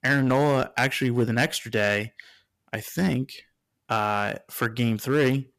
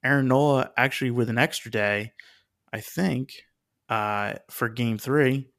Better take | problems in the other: second | distortion; slight; 5% of the sound clipped

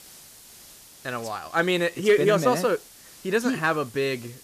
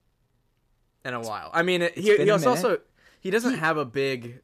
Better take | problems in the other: second | hiss; faint; throughout; 20 dB below the speech

